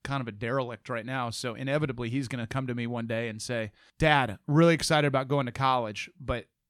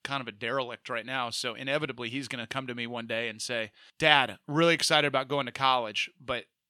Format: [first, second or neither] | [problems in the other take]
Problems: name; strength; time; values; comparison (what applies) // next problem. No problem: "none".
first | thin; very slightly; fading below 450 Hz